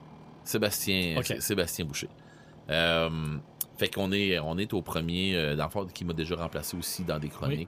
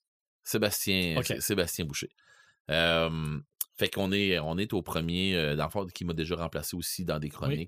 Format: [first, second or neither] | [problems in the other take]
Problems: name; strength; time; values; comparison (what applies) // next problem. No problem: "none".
second | traffic noise; faint; throughout; 20 dB below the speech